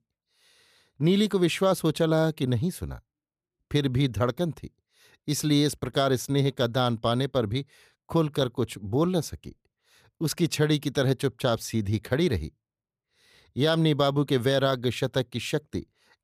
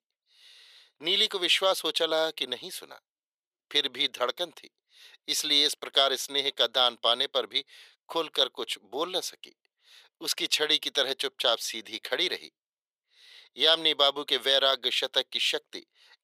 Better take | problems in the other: first | thin; very; fading below 500 Hz

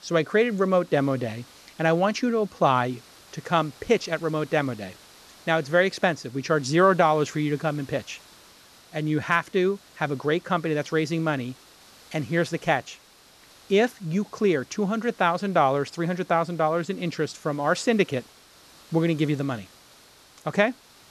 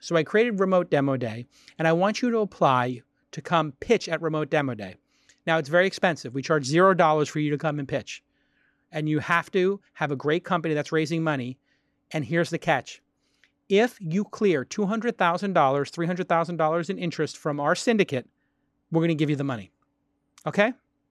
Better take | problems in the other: second | hiss; faint; throughout; 25 dB below the speech

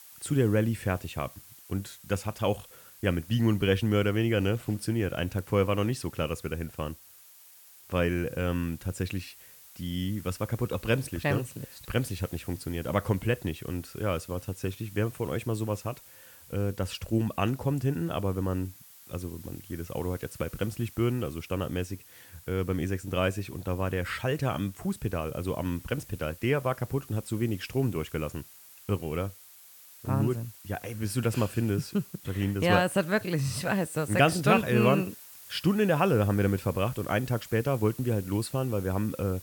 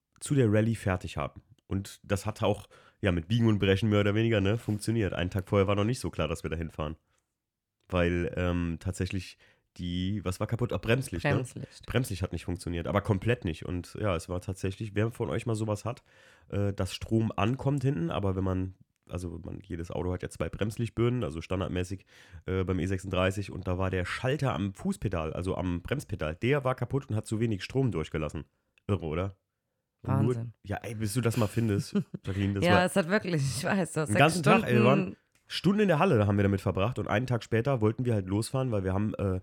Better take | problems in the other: second | hiss; noticeable; throughout; 20 dB below the speech

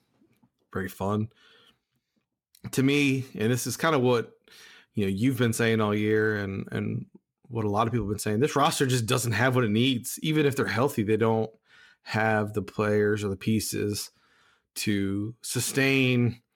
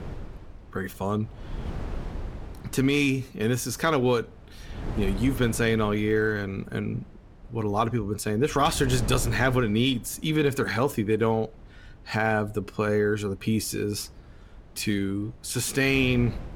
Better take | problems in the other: first | wind noise on the microphone; occasional gusts; 20 dB below the speech

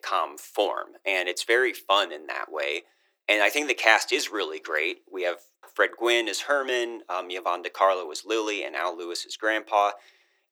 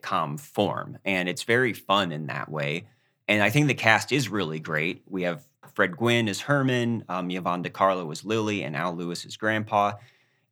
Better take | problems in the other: second | thin; very; fading below 350 Hz

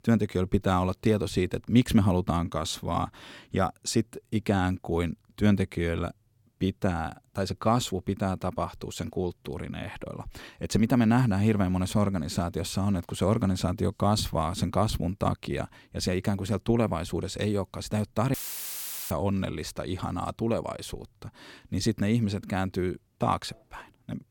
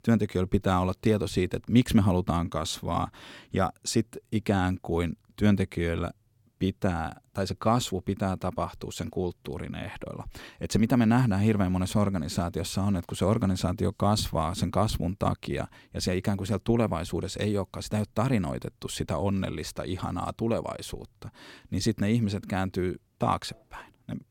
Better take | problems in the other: second | audio cutting out; filled with static; at 18 s for 1 s

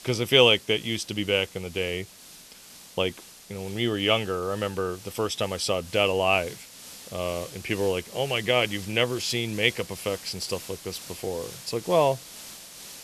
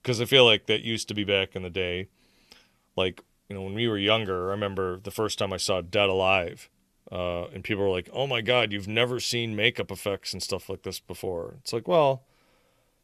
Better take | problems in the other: second | hiss; noticeable; throughout; 15 dB below the speech

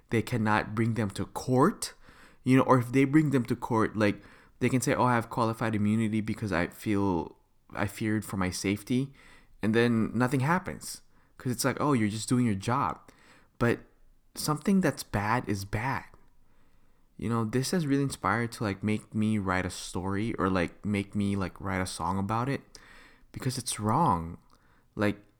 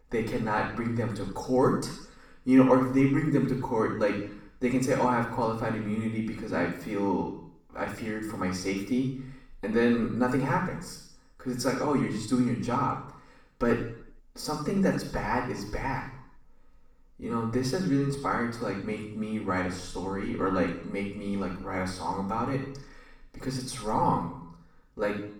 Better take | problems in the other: first | room echo; noticeable; dies away in 0.7 s // off-mic speech; far

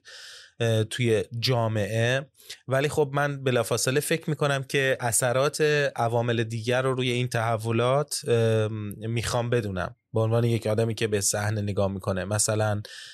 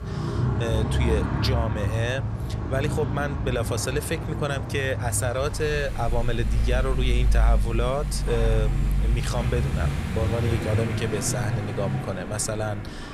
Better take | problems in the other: first | traffic noise; very loud; throughout; 1 dB above the speech

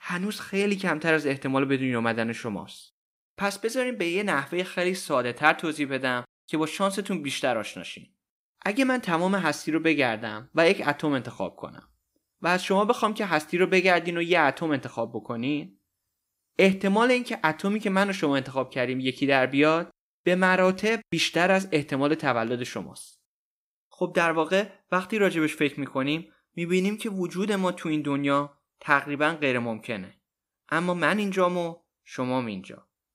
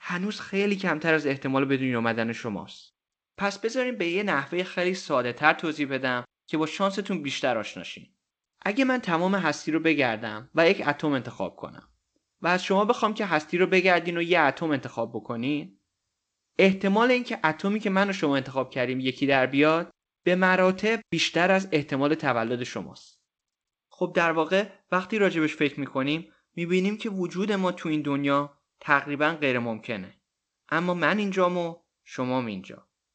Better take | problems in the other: first | garbled, watery; slightly; nothing above 7.5 kHz

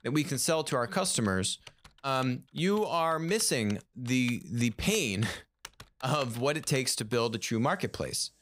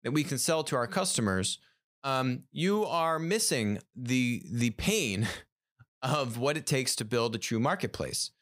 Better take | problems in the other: second | household noises; faint; throughout; 20 dB below the speech

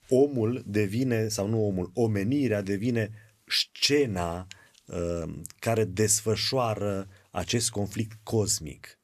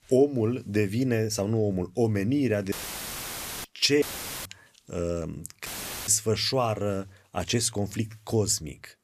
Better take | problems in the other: first | audio cutting out; filled with static; at 2.5 s for 1 s, at 4 s and at 5.5 s

